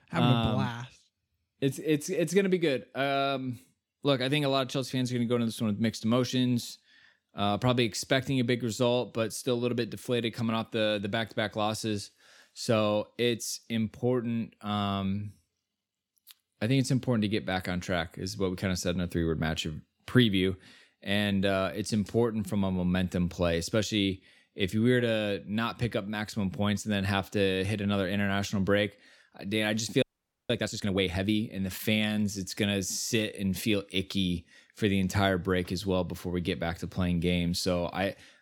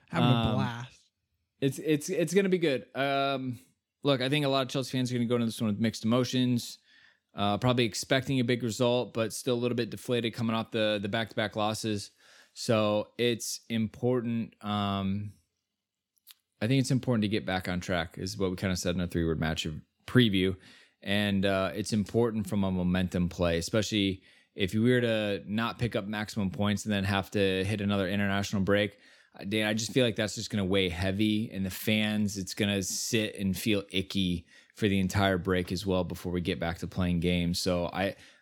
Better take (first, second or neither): second